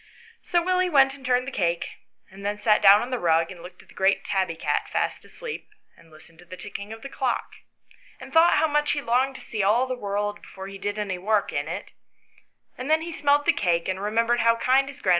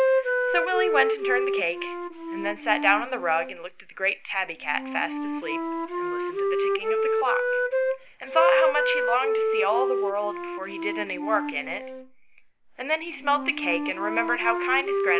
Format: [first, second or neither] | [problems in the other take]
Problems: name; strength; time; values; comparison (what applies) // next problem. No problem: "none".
first | background sound (Wind instrument, woodwind instrument); 1 dB above the speech